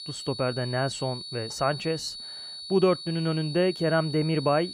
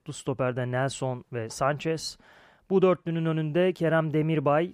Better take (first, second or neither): second